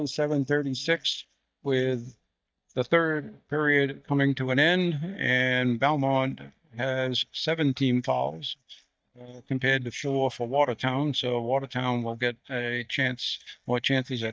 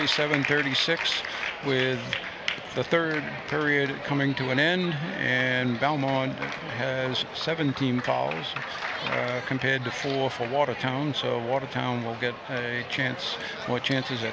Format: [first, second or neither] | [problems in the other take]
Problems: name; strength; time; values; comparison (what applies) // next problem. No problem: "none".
second | noise reduction (neural mask model DeepFilterNet 3)